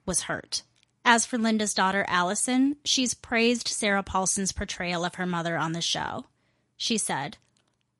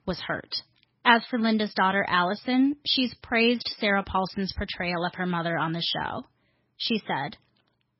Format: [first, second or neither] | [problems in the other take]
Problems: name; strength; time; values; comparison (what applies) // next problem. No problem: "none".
first | garbled, watery; badly; nothing above 5.5 kHz; slightly in the first